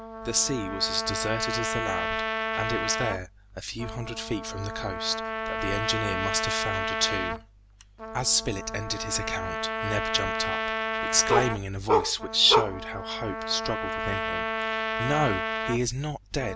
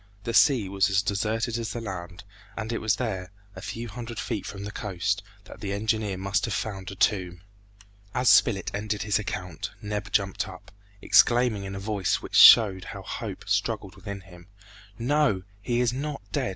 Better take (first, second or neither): second